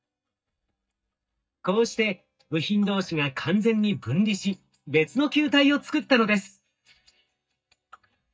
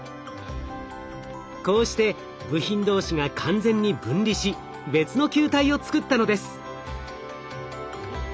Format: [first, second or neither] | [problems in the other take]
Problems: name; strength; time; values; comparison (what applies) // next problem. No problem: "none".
second | noise reduction (neural mask model DeepFilterNet 3)